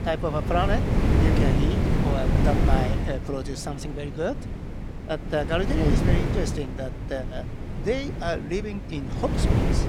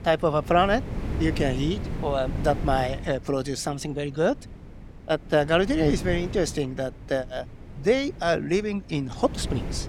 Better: second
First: wind noise on the microphone; heavy; 3 dB below the speech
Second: wind noise on the microphone; occasional gusts; 15 dB below the speech

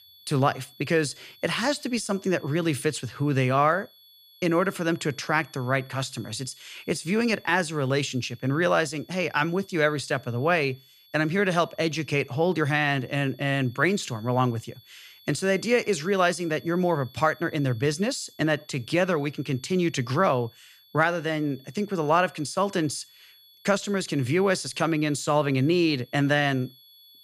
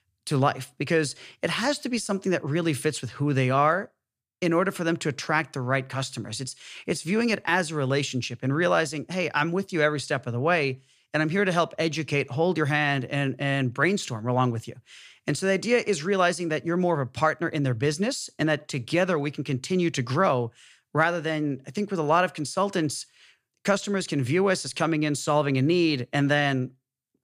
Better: second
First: high-pitched whine; faint; throughout; 3.5 kHz, 25 dB below the speech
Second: none

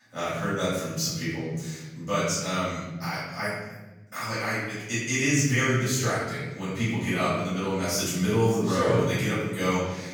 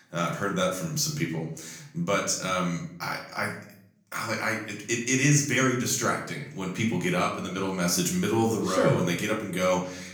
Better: second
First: room echo; strong; dies away in 1.4 s // off-mic speech; far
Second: room echo; slight; dies away in 0.5 s // off-mic speech; far

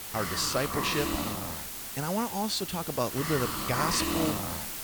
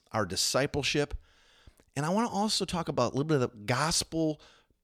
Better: second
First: hiss; loud; throughout; 1 dB below the speech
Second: none

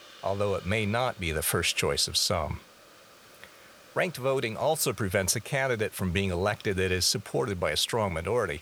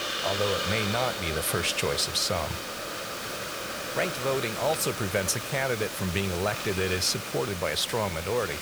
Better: first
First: hiss; faint; throughout; 25 dB below the speech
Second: hiss; loud; throughout; 4 dB below the speech

